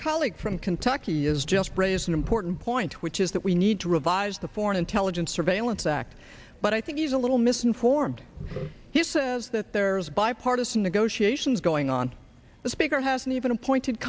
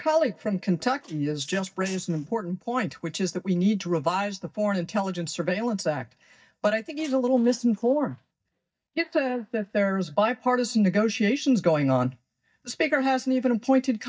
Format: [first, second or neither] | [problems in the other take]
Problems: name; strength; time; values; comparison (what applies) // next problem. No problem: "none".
first | noise reduction (neural mask model DeepFilterNet 3)